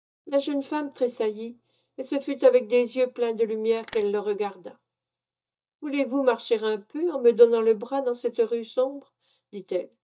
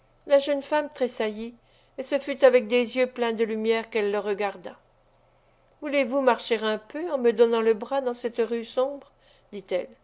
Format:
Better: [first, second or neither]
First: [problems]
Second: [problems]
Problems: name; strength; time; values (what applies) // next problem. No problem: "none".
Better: second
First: noise reduction (neural mask model DeepFilterNet 3)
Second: none